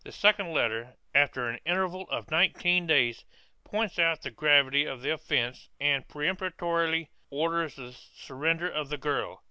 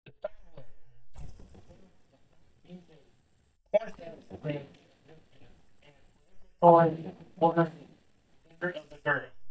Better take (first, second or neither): first